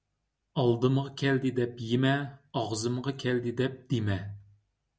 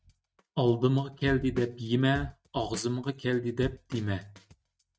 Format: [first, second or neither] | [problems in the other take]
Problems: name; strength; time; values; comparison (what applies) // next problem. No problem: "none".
first | noise reduction (neural mask model RNNoise)